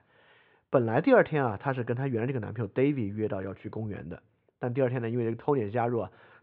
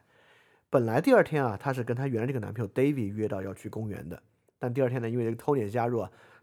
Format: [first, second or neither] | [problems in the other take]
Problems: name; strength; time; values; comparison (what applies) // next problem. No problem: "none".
second | muffled; slightly; fading above 3.5 kHz